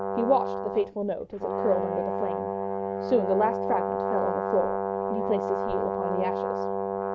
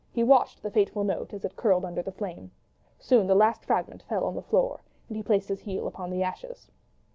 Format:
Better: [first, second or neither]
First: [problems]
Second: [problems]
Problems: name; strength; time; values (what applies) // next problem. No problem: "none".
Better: second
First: background sound (Brass instrument); as loud as the speech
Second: none